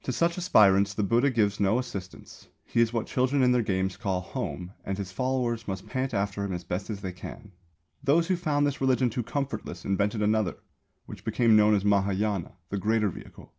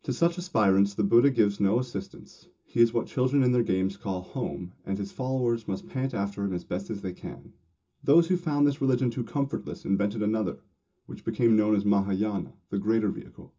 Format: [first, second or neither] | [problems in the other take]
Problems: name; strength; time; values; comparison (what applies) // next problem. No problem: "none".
first | room echo; dies away in 0.2 s